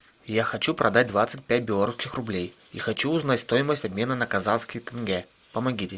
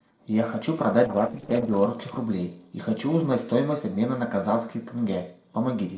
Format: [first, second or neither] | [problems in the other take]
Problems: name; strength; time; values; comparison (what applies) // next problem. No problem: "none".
first | noise reduction (neural separator model SepFormer DNS4)